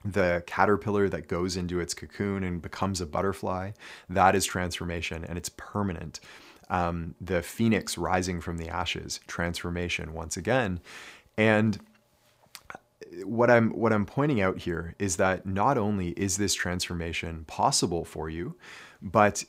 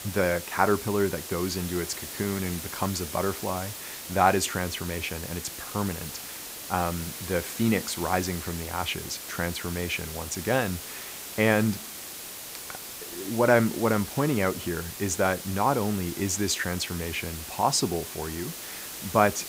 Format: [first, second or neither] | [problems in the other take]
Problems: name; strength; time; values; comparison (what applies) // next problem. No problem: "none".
first | hiss; loud; throughout; 8 dB below the speech